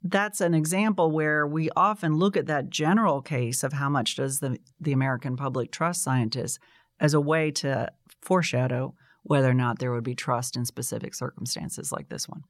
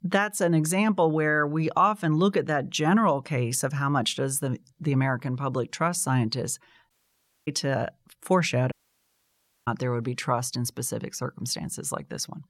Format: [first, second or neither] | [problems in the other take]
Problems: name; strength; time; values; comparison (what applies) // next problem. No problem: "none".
first | audio cutting out; at 7 s for 0.5 s and at 8.5 s for 1 s